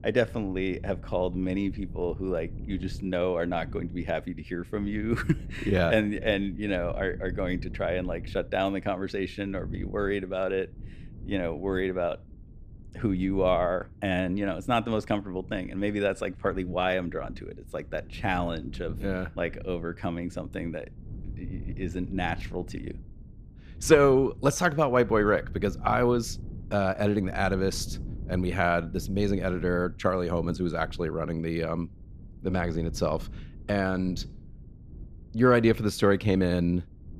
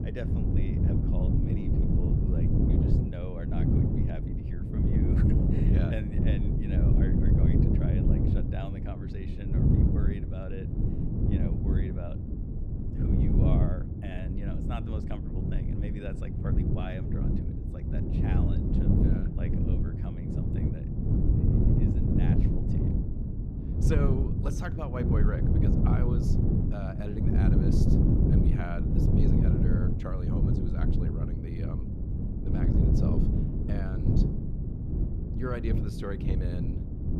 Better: first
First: wind noise on the microphone; occasional gusts; 25 dB below the speech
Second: wind noise on the microphone; heavy; 5 dB above the speech

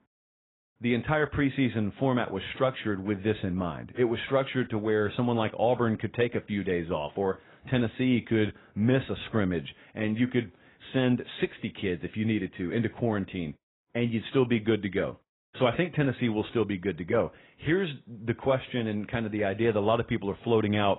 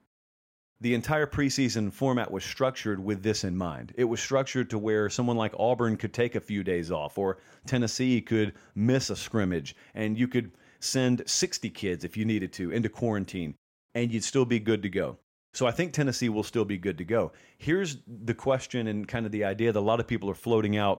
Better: second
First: garbled, watery; badly; nothing above 4 kHz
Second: none

